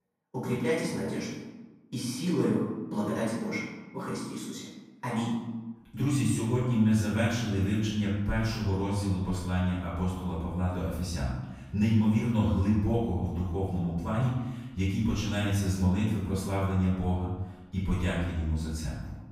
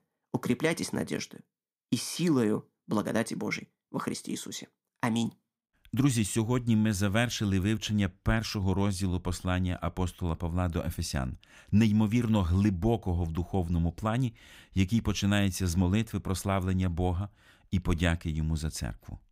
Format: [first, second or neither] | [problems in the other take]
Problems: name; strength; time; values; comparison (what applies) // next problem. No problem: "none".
second | off-mic speech; far // room echo; noticeable; dies away in 1 s